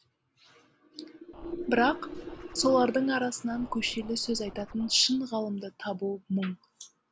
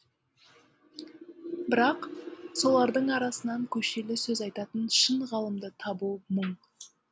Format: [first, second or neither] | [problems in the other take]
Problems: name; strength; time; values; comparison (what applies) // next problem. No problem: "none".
second | background sound (Scratching (performance technique)); 18 dB below the speech